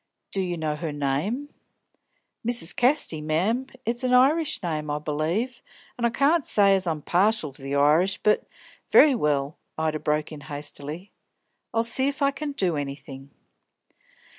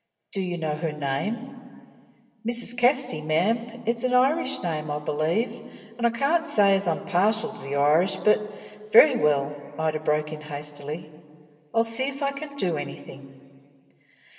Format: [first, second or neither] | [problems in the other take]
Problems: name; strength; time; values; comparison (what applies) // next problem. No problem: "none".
first | room echo; dies away in 2 s